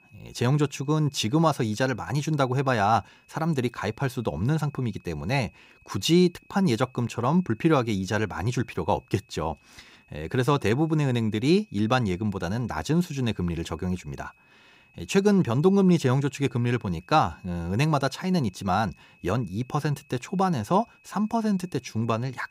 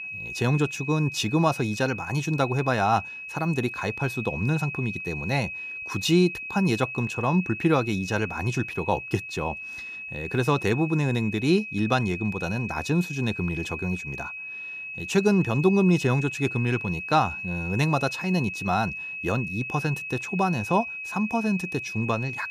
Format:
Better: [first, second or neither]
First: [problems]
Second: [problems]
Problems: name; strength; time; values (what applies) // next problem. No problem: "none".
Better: first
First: high-pitched whine; faint; throughout; 2.5 kHz, 30 dB below the speech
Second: high-pitched whine; loud; throughout; 2.5 kHz, 7 dB below the speech